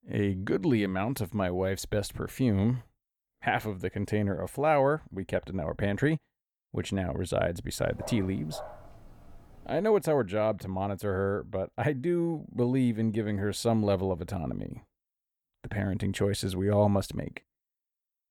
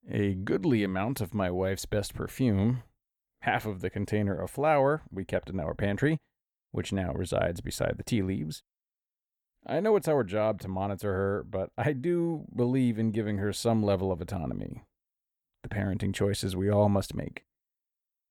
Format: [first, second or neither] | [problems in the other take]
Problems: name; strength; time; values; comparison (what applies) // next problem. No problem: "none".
second | dog barking; faint; from 8 to 10 s; peak 15 dB below the speech